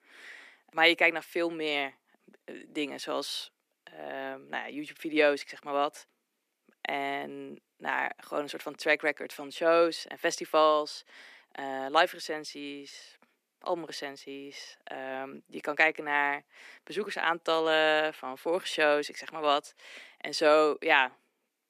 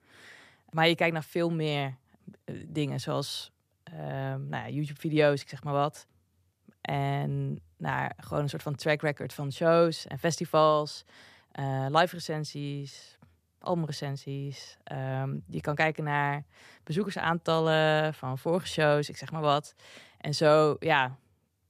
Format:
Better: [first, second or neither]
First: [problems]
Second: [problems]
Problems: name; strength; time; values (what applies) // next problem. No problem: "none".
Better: second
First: thin; somewhat; fading below 250 Hz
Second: none